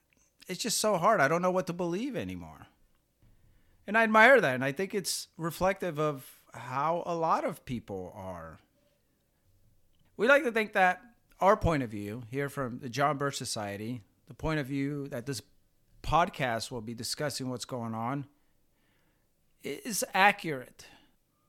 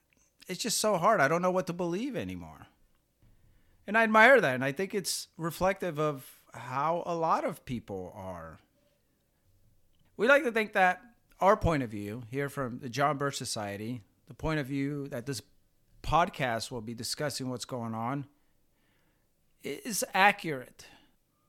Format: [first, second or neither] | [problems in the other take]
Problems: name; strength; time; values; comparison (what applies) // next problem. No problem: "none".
neither | none